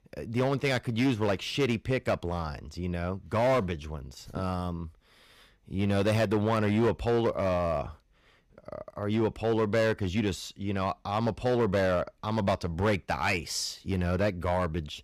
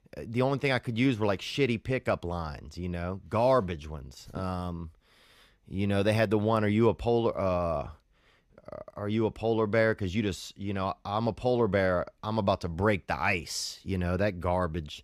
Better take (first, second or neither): second